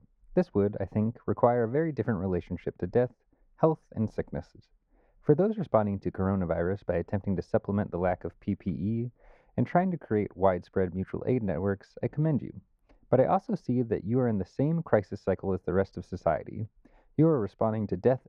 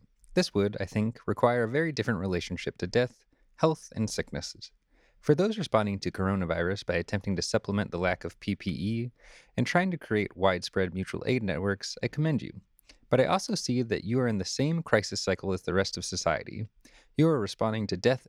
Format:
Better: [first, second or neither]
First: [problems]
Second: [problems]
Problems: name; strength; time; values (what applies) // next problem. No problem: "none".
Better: second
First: muffled; very; fading above 2.5 kHz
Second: none